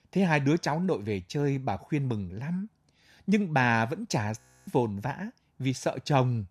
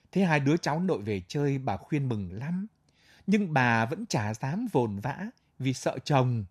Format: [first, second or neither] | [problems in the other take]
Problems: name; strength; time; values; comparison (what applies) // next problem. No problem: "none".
second | audio freezing; at 4.5 s